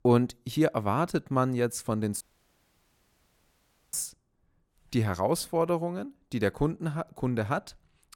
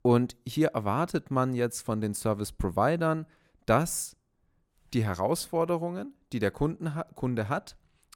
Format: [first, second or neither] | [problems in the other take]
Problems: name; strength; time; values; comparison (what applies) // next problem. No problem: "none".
second | audio cutting out; at 2 s for 1.5 s